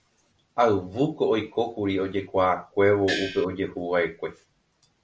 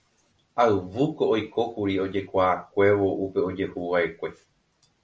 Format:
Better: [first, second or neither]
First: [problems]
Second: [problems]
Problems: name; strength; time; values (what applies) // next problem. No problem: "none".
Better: second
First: background sound (Gong); 5 dB below the speech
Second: none